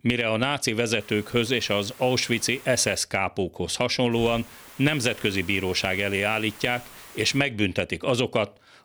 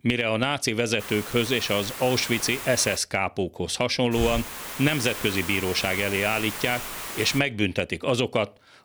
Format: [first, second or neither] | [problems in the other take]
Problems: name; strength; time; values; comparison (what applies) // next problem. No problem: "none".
first | hiss; loud; from 1 to 3 s and from 4 to 7.5 s; 9 dB below the speech; faint in the first